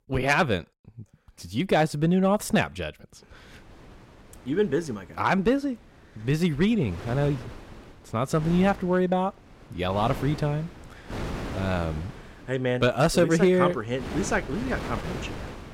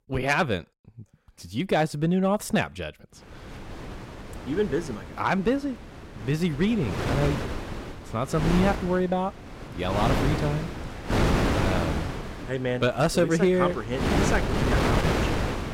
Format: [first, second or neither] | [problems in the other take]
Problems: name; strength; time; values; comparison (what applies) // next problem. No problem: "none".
first | wind noise on the microphone; heavy; from 3 s on; 2 dB below the speech; occasional gusts in the first